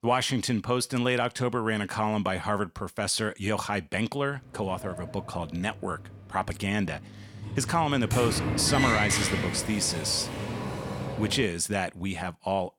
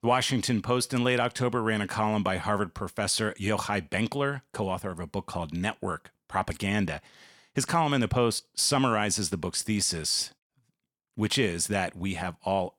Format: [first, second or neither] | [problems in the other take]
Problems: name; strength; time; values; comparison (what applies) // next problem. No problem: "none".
second | door banging; loud; from 4.5 to 11 s; peak 3 dB above the speech